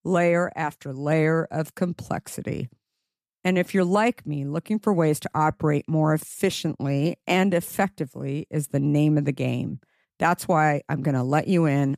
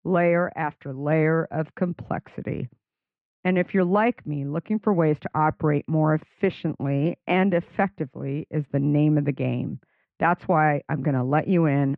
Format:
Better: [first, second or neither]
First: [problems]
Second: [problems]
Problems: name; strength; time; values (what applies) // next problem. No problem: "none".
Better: first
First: none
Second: muffled; very; fading above 2.5 kHz